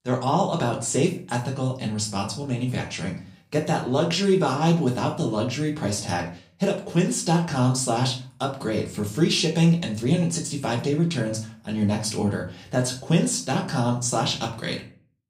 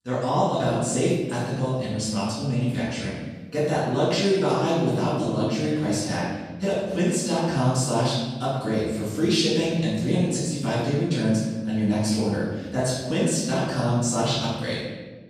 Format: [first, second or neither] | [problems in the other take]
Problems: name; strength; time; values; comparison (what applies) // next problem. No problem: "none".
first | room echo; strong; dies away in 1.2 s; slight in the first // off-mic speech; far; far in the first